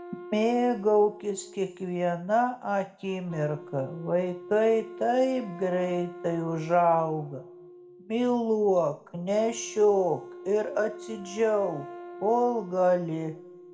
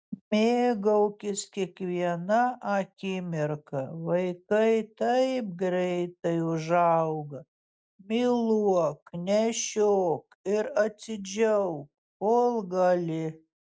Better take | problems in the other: second | background sound (Wind instrument, woodwind instrument); 17 dB below the speech // room echo; dies away in 1.1 s

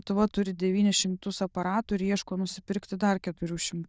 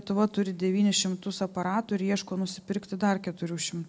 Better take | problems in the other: second | noise reduction (neural diffusion model UNIVERSE++)

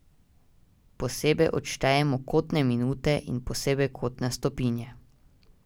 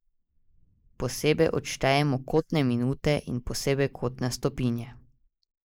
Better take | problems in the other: first | noise reduction (neural mask model Resemble Enhance denoiser)

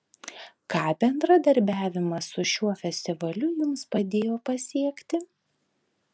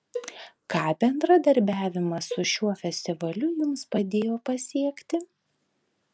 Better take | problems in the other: first | background sound (Cowbell); 15 dB below the speech

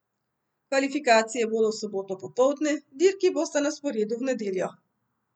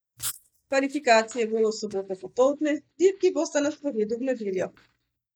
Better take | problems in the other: first | noise reduction (neural mask model DeepFilterNet 3)

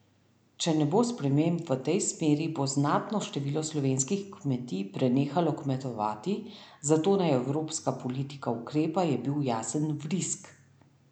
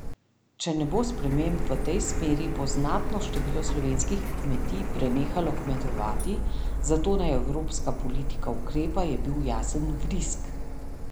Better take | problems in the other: first | background sound (Printer); 3 dB above the speech

